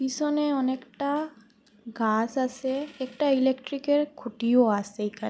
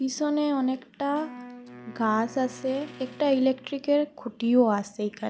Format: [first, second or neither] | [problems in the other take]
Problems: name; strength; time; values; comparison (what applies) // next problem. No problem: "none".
first | background sound (Wind instrument, woodwind instrument); 19 dB below the speech